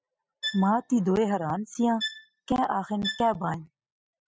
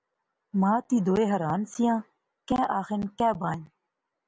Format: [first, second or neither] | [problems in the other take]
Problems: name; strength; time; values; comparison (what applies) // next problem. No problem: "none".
second | noise reduction (classical method spectral subtraction)